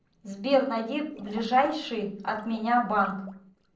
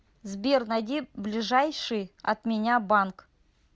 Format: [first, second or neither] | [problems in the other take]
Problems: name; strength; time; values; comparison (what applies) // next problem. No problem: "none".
second | noise reduction (neural separator model SepFormer DNS4)